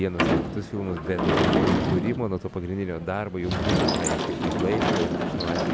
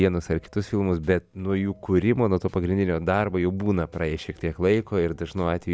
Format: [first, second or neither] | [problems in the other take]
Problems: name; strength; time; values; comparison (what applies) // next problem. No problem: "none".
second | background sound (Sliding door / Slam); 4 dB above the speech